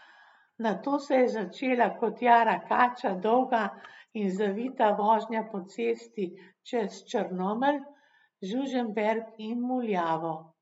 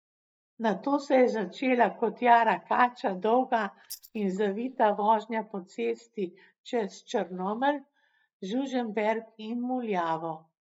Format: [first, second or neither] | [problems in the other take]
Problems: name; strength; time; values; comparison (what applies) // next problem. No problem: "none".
first | noise reduction (neural mask model DeepFilterNet 3)